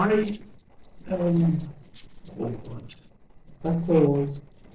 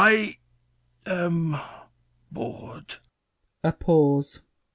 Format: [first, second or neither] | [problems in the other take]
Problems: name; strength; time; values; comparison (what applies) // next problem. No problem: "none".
second | noise reduction (neural separator model SepFormer DNS4)